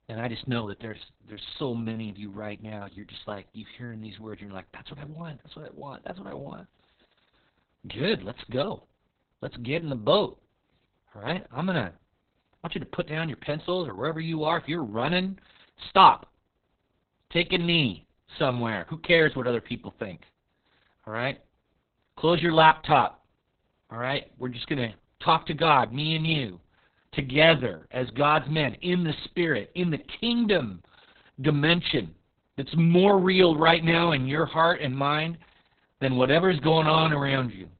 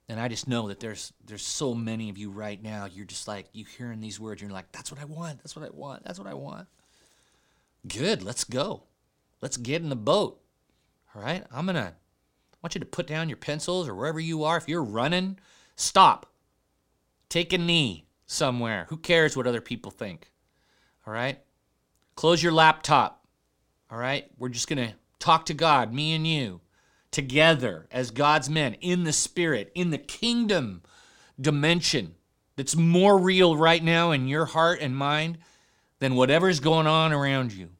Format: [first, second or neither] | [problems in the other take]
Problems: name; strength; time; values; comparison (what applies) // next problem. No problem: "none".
second | garbled, watery; badly; nothing above 4 kHz